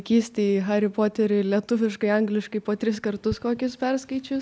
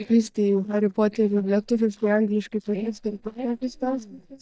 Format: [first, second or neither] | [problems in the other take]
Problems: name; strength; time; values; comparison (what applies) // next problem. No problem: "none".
first | noise reduction (neural mask model DeepFilterNet 3)